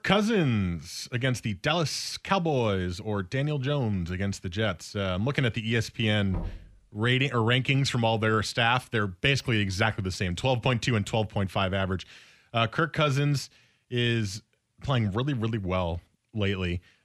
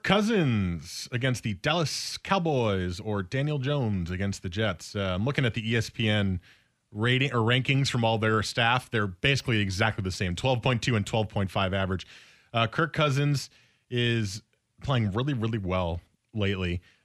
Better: second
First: door banging; faint; at 6.5 s; peak 10 dB below the speech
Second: none

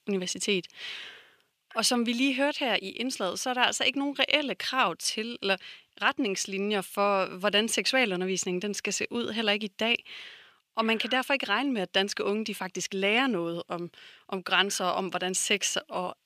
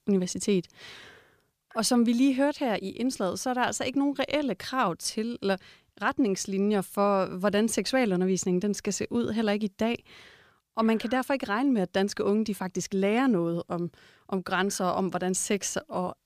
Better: second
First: thin; very slightly; fading below 350 Hz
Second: none

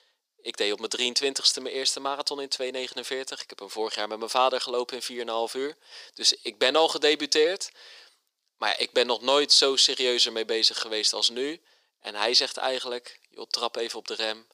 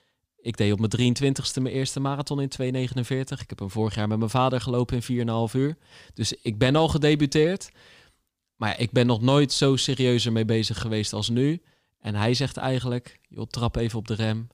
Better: second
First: thin; very; fading below 400 Hz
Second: none

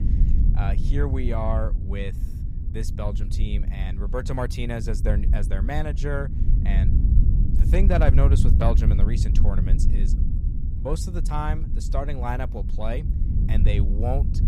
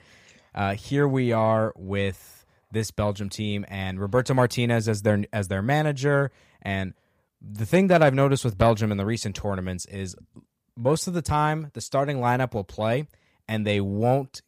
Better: second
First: low rumble; loud; throughout; 8 dB below the speech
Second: none

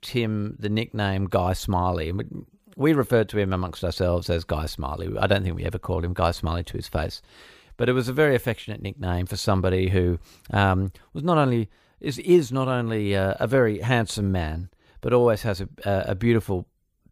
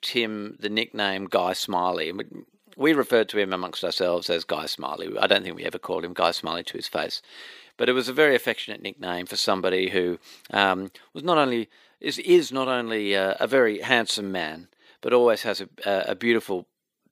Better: first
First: none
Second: thin; somewhat; fading below 250 Hz

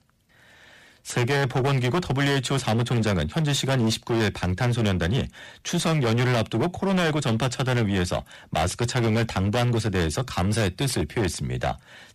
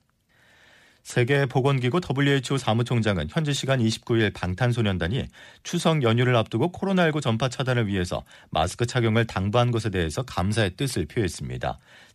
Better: second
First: distortion; heavy; 21% of the sound clipped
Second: none

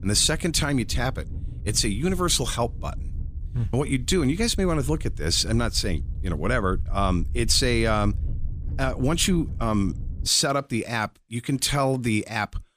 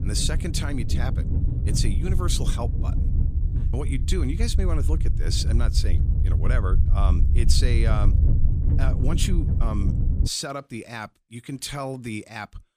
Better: first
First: low rumble; faint; until 10 s; 25 dB below the speech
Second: low rumble; loud; until 10 s; 7 dB below the speech

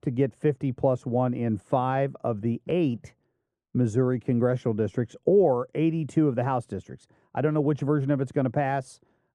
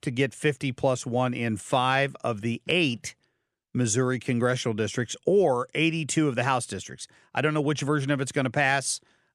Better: second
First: muffled; very; fading above 1.5 kHz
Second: none

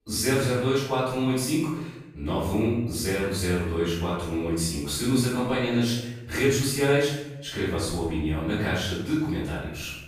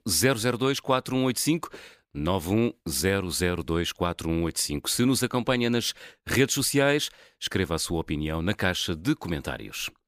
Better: second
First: off-mic speech; far // room echo; strong; dies away in 0.9 s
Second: none

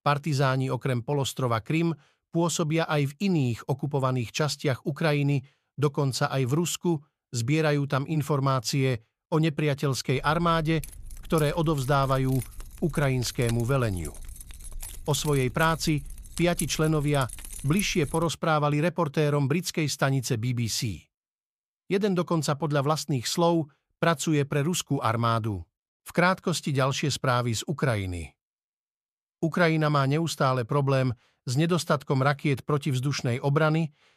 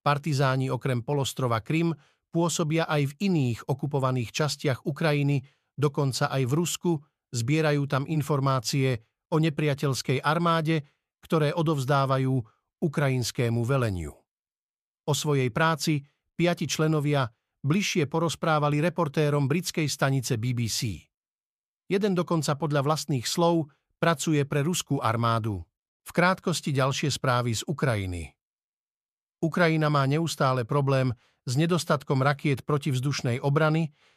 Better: second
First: jangling keys; noticeable; from 10 to 18 s; peak 8 dB below the speech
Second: none

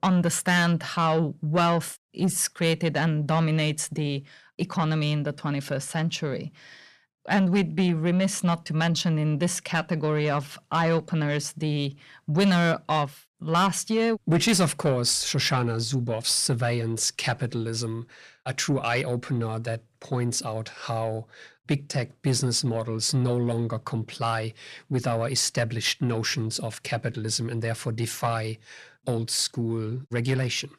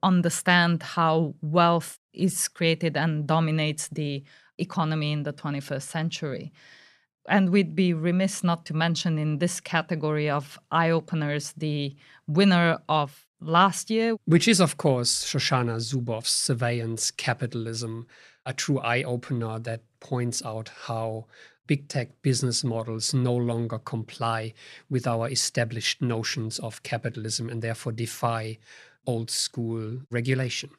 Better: second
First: distortion; slight; 10 dB below the speech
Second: none

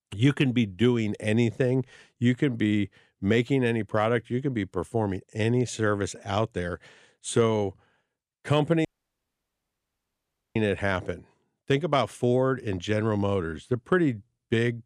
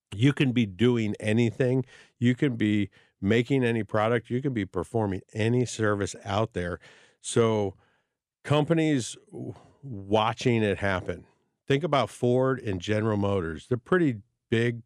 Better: second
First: audio cutting out; at 9 s for 1.5 s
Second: none

